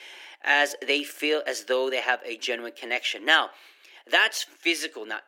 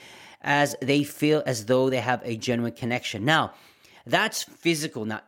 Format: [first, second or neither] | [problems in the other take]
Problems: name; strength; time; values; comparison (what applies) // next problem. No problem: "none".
second | thin; somewhat; fading below 350 Hz